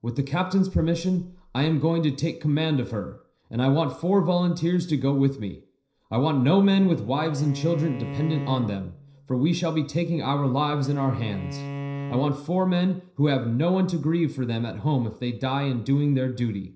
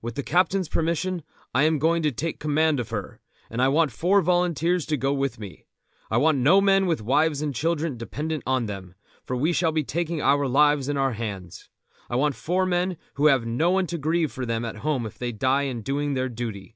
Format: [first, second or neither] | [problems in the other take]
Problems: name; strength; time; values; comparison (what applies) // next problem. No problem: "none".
second | noise reduction (neural separator model SepFormer DNS4)